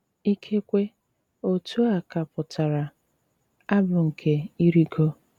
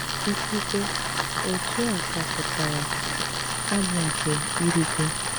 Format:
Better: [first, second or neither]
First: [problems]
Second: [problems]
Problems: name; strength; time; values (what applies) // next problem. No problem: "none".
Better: first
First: none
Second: background sound (Tools); 2 dB above the speech